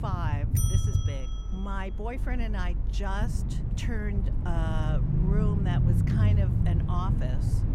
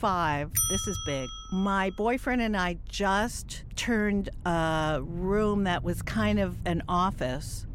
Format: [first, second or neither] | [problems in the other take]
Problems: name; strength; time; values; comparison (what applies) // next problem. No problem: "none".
second | low rumble; loud; throughout; 2 dB below the speech; faint in the second